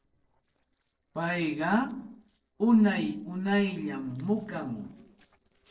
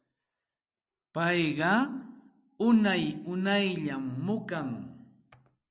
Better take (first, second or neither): second